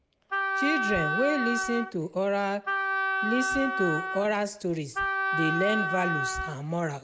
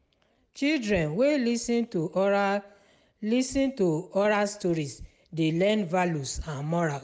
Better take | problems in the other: second | background sound (Wind instrument, woodwind instrument); as loud as the speech

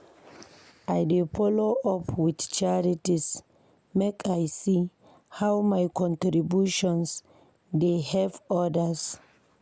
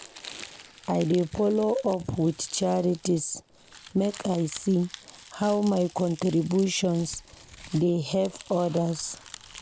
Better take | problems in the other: first | background sound (Crumpling, crinkling); 20 dB below the speech

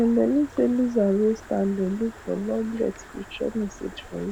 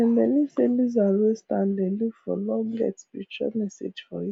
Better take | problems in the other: second | background sound (Stream); 19 dB below the speech

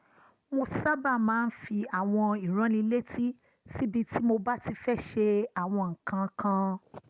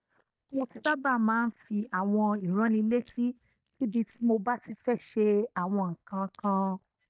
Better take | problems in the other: first | noise reduction (neural mask model DeepFilterNet 3)

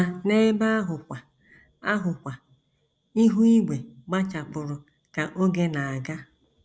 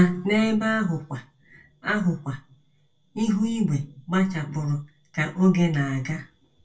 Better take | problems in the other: first | room echo; dies away in 0.2 s

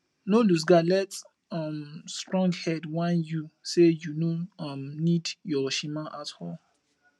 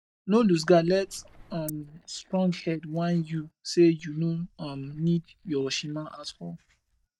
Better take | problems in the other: first | noise reduction (neural mask model DeepFilterNet 3)

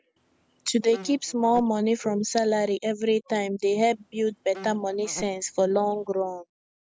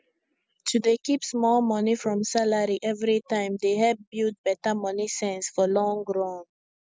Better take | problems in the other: second | background sound (Insect); 20 dB below the speech

